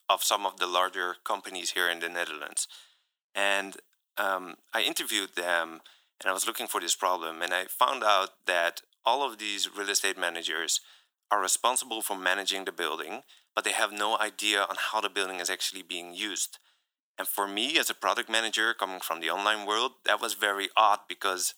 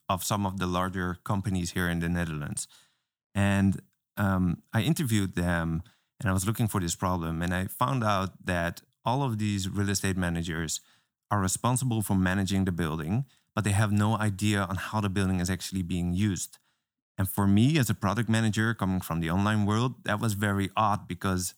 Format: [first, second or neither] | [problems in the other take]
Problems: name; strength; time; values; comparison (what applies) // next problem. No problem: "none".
second | thin; very; fading below 400 Hz